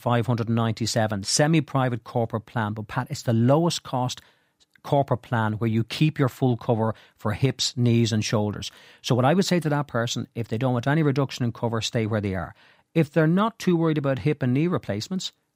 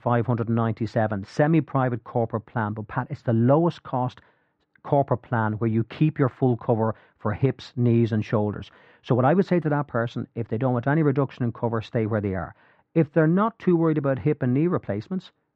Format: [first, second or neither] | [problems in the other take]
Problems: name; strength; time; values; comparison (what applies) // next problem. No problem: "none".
first | muffled; very; fading above 1.5 kHz